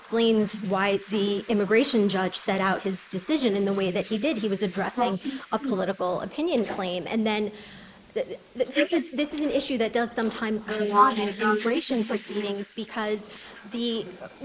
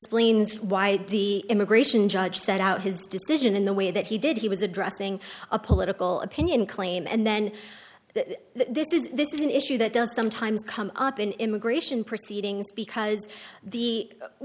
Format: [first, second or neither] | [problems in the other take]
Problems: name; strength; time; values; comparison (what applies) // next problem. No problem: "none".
second | noise reduction (neural mask model Resemble Enhance denoiser)